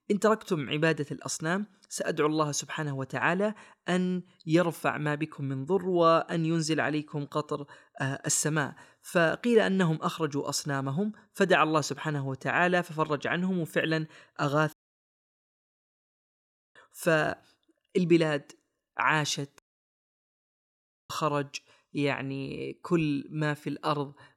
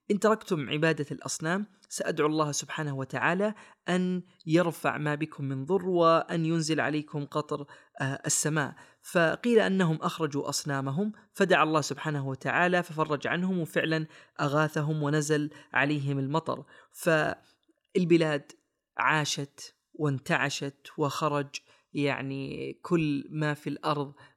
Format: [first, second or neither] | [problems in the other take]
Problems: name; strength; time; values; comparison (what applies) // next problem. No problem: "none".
second | audio cutting out; at 15 s for 2 s and at 20 s for 1.5 s